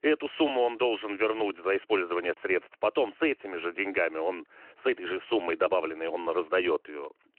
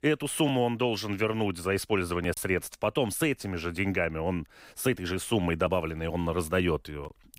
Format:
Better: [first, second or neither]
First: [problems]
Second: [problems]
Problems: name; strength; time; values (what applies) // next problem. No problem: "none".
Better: second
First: phone-call audio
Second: none